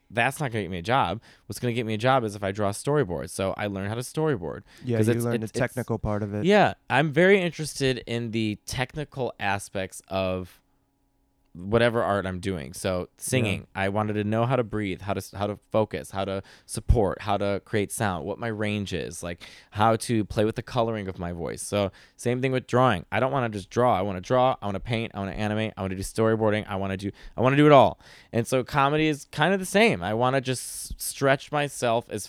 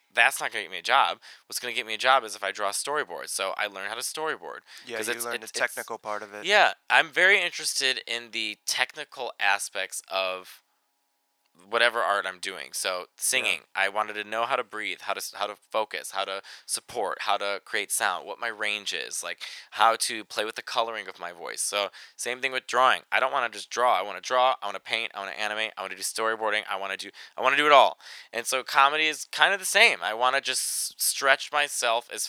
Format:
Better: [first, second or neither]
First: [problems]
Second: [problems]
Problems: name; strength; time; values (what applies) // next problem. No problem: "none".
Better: first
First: none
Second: thin; very; fading below 1 kHz